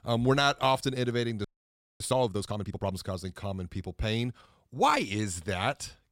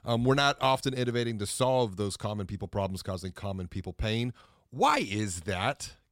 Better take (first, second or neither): second